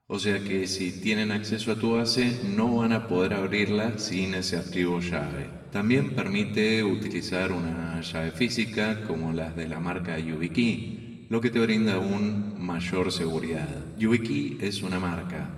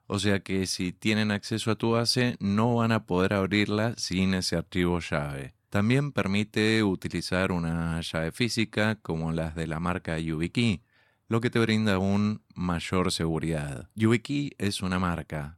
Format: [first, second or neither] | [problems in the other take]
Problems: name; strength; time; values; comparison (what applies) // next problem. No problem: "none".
second | room echo; noticeable; dies away in 1.4 s // off-mic speech; far